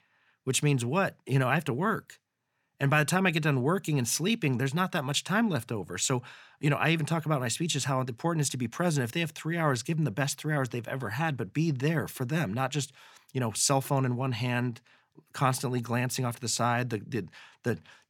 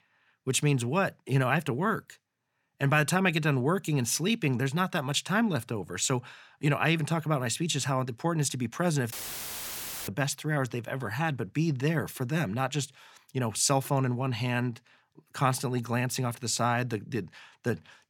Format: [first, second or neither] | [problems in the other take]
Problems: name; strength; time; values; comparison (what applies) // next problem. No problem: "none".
first | audio cutting out; filled with static; at 9 s for 1 s